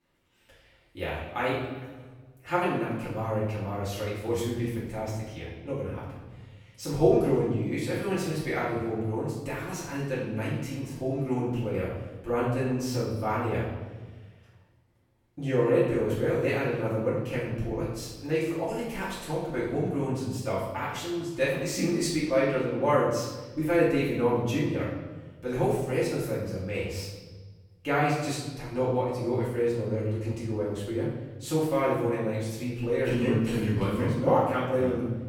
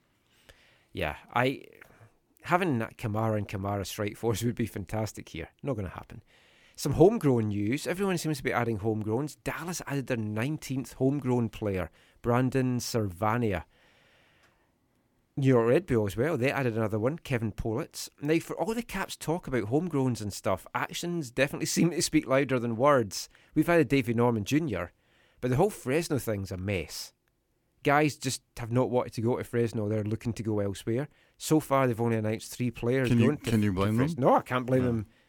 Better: second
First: off-mic speech; far // room echo; noticeable; dies away in 1.2 s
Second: none

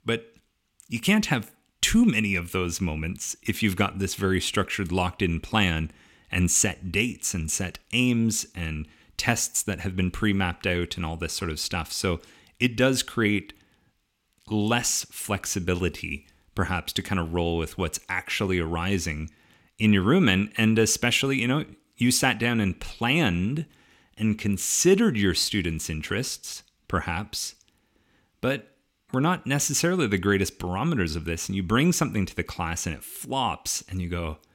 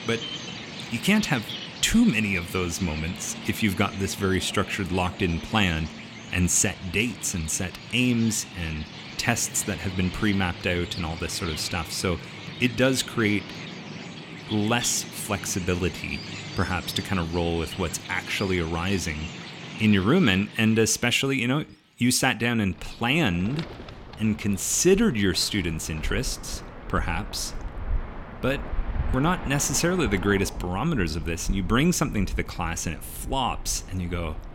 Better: first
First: none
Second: animal sounds; noticeable; throughout; 10 dB below the speech

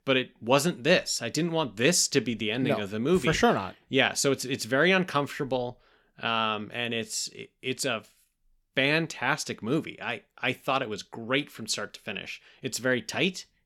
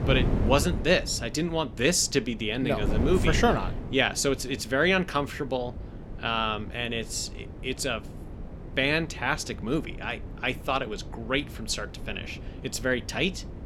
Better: first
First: none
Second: wind noise on the microphone; occasional gusts; 15 dB below the speech

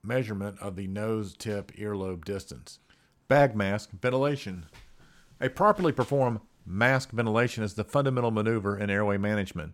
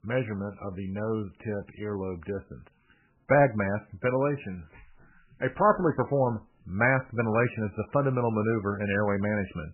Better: first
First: none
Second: garbled, watery; badly; nothing above 2.5 kHz

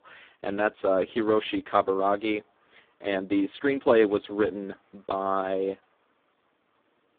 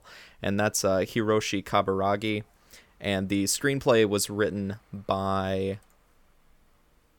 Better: second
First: phone-call audio; poor line; nothing above 3.5 kHz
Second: none

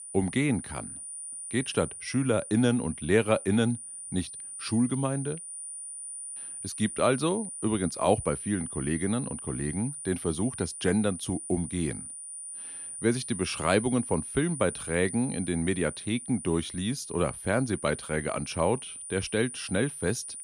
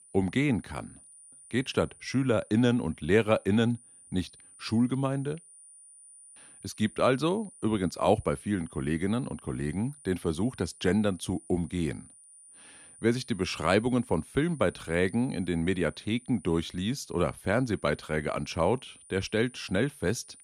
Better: second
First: high-pitched whine; loud; throughout; 9.5 kHz, 8 dB below the speech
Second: high-pitched whine; faint; throughout; 9.5 kHz, 20 dB below the speech

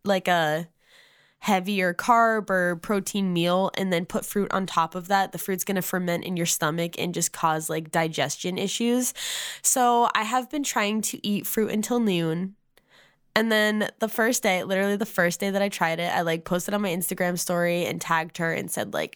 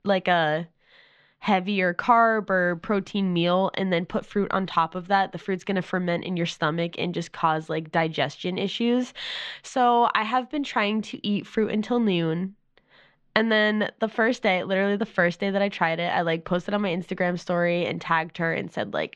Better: first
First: none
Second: muffled; slightly; fading above 4 kHz

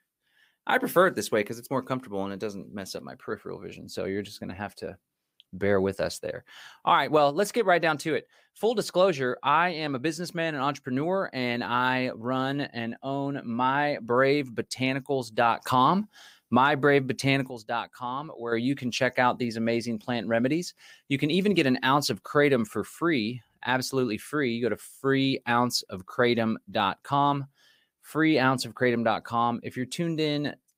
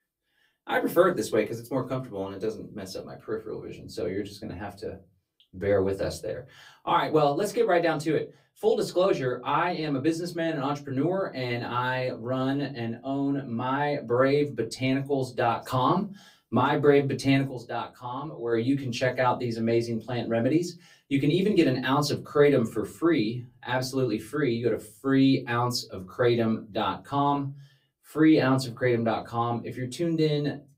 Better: first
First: none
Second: off-mic speech; far // room echo; very slight; dies away in 0.2 s

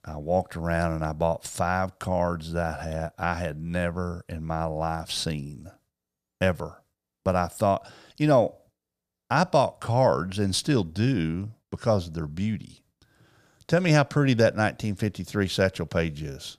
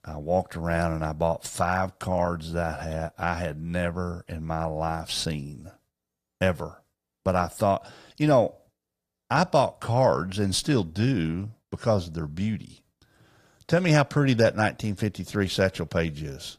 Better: first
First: none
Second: garbled, watery; slightly; nothing above 15 kHz

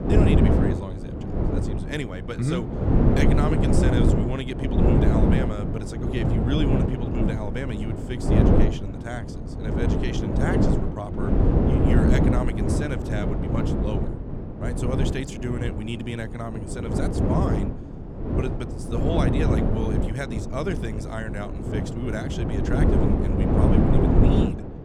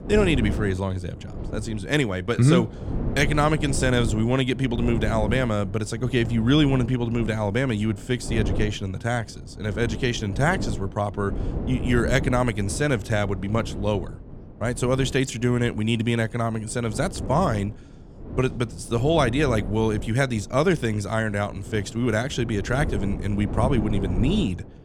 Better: second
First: wind noise on the microphone; heavy; 4 dB above the speech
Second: wind noise on the microphone; occasional gusts; 15 dB below the speech

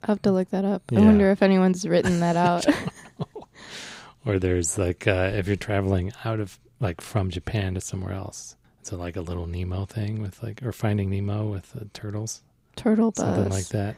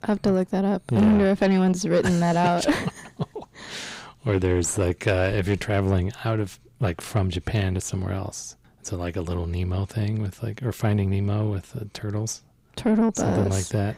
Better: first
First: none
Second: distortion; slight; 10 dB below the speech

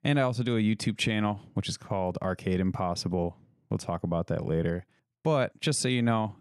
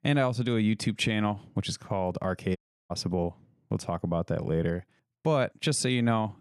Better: first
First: none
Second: audio cutting out; at 2.5 s

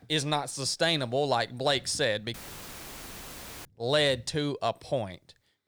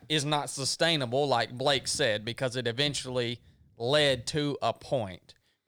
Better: second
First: audio cutting out; filled with static; at 2.5 s for 1.5 s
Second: none

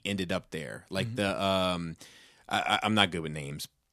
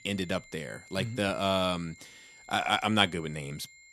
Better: first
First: none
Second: high-pitched whine; faint; throughout; 2 kHz, 20 dB below the speech

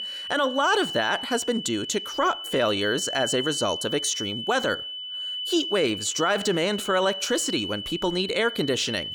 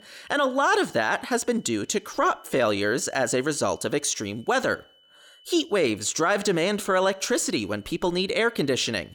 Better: second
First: high-pitched whine; loud; throughout; 3 kHz, 6 dB below the speech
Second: high-pitched whine; faint; throughout; 3 kHz, 30 dB below the speech

